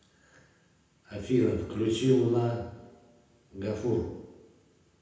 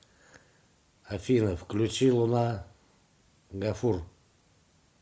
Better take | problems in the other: second | room echo; dies away in 0.9 s

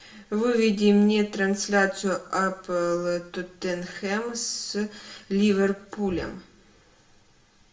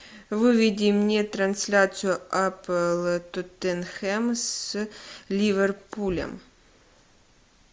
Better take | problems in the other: second | room echo; dies away in 0.5 s

